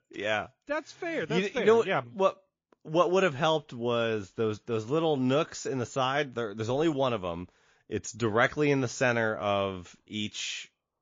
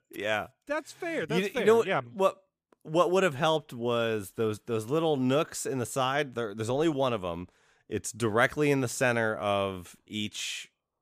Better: second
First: garbled, watery; slightly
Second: none

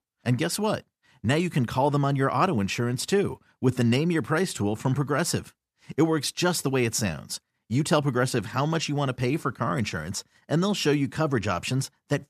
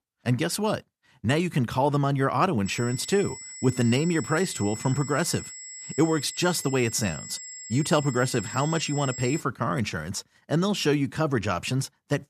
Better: first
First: none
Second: high-pitched whine; noticeable; from 2.5 to 9.5 s; 7.5 kHz, 10 dB below the speech

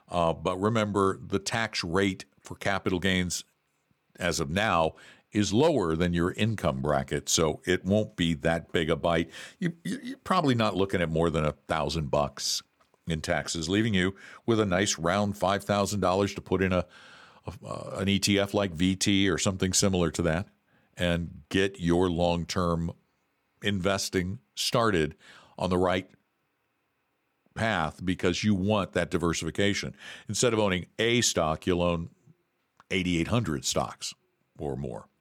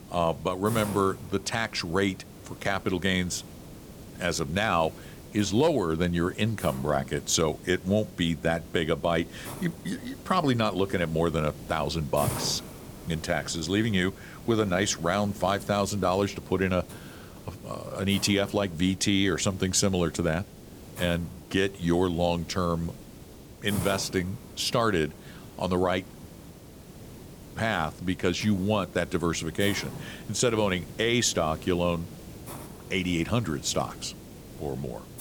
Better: first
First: none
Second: hiss; noticeable; throughout; 15 dB below the speech

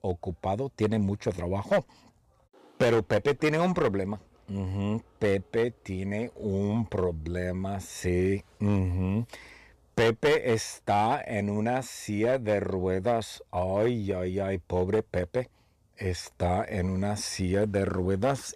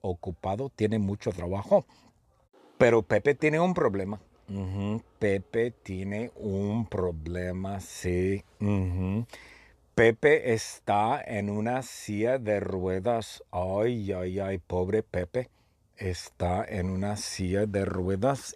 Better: second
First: distortion; slight; 4% of the sound clipped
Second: none

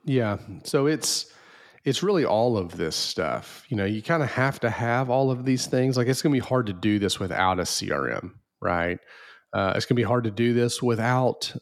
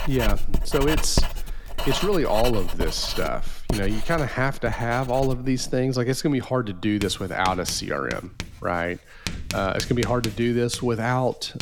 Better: first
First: none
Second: household noises; loud; throughout; 7 dB below the speech

